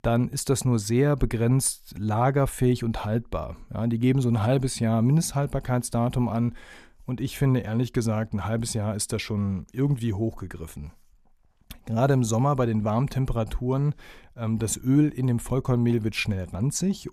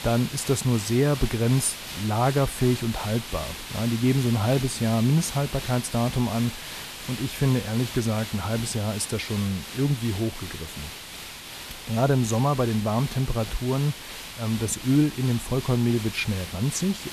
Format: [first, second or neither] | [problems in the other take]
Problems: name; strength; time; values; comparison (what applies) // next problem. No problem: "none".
first | hiss; noticeable; throughout; 10 dB below the speech